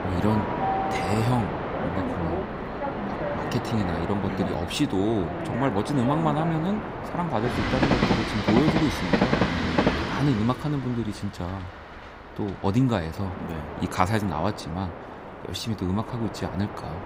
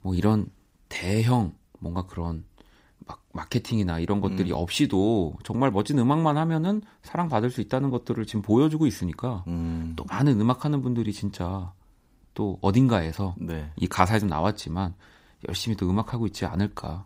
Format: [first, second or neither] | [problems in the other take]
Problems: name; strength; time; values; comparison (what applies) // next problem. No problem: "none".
second | train or aircraft noise; loud; throughout; 1 dB below the speech